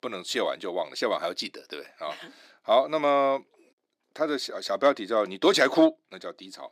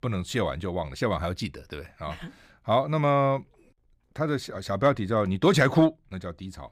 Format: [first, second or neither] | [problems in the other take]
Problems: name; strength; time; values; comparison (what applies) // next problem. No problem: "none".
second | thin; somewhat; fading below 300 Hz